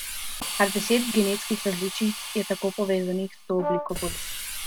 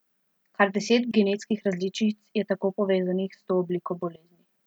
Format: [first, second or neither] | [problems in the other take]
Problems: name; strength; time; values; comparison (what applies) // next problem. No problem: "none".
second | background sound (Hiss + Brass instrument); 6 dB below the speech